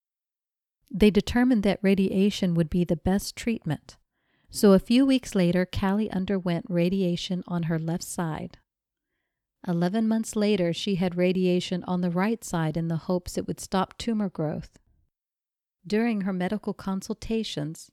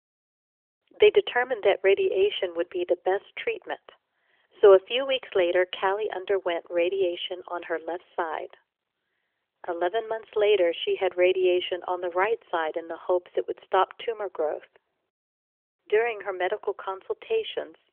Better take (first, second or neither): first